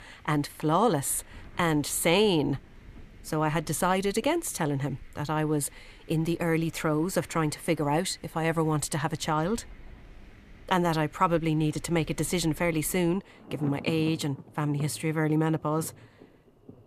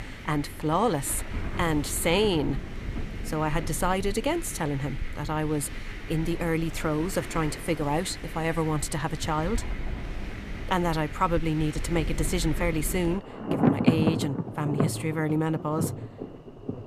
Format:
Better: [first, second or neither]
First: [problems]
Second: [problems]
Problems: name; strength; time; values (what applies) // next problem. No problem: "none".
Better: first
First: rain or running water; faint; throughout; 20 dB below the speech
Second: rain or running water; loud; throughout; 6 dB below the speech